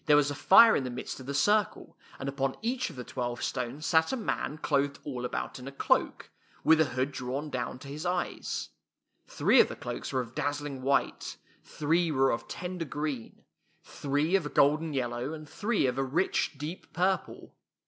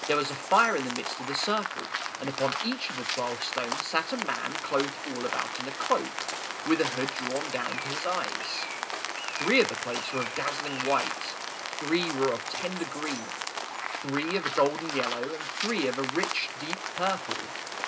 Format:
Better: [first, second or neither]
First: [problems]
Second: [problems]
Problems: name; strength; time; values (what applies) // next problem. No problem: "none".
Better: first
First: none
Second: background sound (Rain); 3 dB below the speech // room echo; dies away in 0.2 s